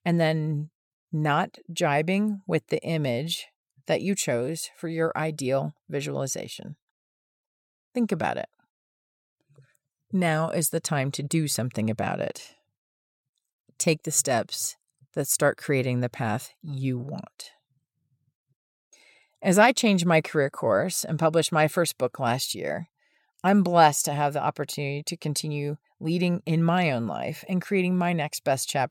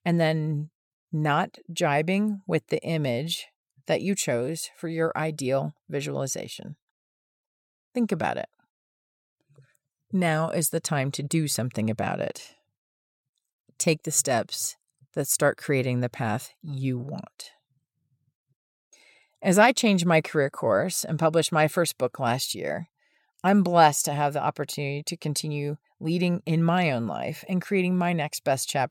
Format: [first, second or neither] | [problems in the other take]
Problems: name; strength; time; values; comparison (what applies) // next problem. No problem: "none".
neither | none